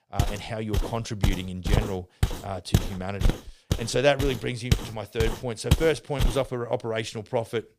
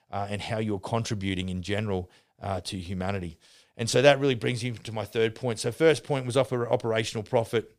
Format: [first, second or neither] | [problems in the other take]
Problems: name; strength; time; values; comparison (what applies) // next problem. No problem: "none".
second | footsteps; loud; until 6.5 s; peak 3 dB above the speech